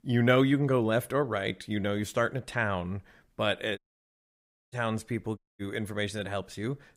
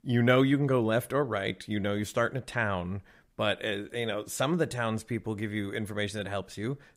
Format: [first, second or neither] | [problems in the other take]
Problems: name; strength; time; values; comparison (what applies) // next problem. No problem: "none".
second | audio cutting out; at 4 s for 1 s and at 5.5 s